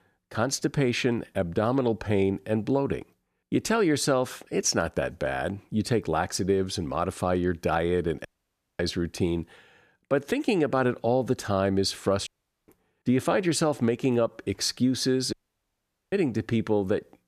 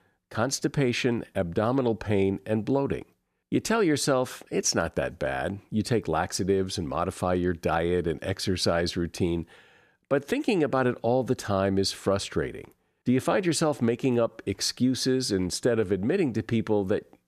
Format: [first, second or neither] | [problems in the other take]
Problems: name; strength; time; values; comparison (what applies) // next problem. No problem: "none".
second | audio cutting out; at 8.5 s for 0.5 s, at 12 s and at 15 s for 1 s